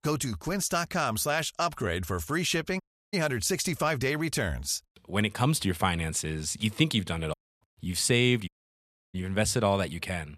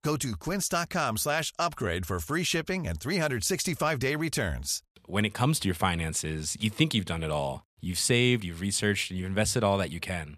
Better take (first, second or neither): second